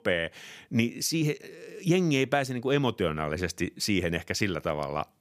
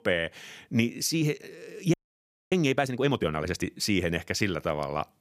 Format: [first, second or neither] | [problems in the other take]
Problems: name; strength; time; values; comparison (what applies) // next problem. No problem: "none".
first | audio freezing; at 2 s for 0.5 s